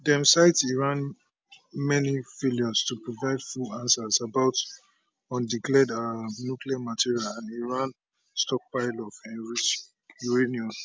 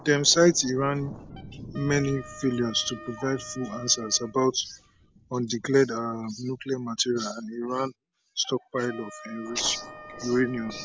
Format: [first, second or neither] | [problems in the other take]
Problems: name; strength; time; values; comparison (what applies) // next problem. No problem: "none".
first | background sound (Wind instrument, woodwind instrument + Thunder); 17 dB below the speech